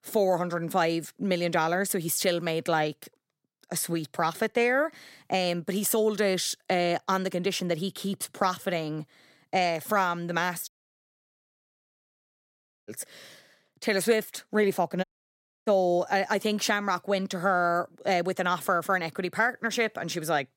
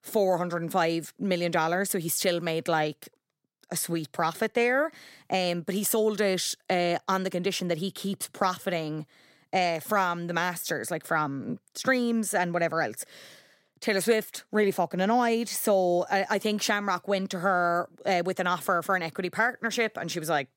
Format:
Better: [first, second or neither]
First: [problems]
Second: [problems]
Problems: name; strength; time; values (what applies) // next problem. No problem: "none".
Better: second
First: audio cutting out; at 11 s for 2 s and at 15 s for 0.5 s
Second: none